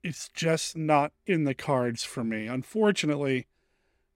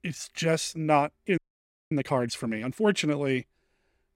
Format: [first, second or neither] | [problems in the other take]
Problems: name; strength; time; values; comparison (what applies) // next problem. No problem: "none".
first | audio freezing; at 1.5 s for 0.5 s